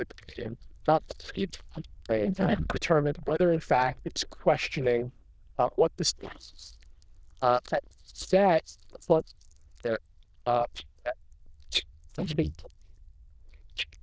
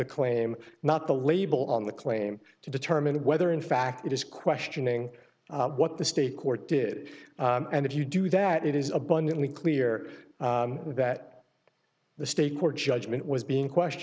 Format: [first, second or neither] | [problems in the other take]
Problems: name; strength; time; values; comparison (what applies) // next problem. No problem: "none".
second | noise reduction (neural diffusion model UNIVERSE++)